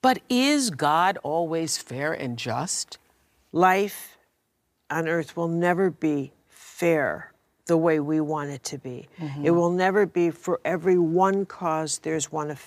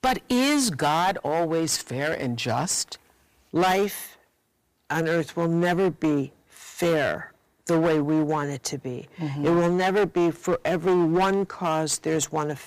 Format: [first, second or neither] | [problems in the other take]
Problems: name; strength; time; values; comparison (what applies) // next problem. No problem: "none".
first | distortion; heavy; 12% of the sound clipped